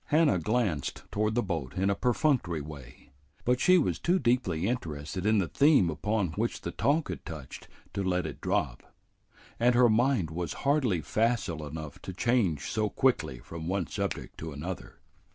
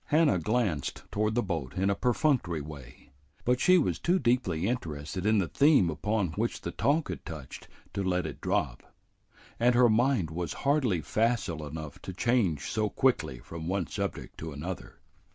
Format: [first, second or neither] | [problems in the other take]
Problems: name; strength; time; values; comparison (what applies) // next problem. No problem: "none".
second | background sound (Finger snapping); 14 dB below the speech